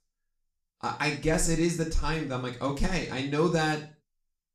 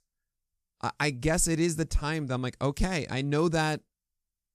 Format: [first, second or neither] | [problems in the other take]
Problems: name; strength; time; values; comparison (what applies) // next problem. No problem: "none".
second | room echo; slight; dies away in 0.4 s // off-mic speech; somewhat distant